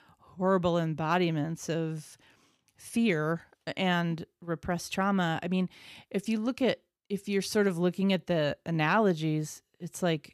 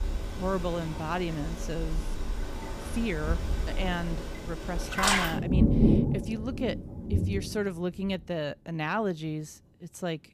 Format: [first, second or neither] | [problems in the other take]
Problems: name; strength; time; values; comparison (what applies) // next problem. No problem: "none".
first | rain or running water; very loud; throughout; 3 dB above the speech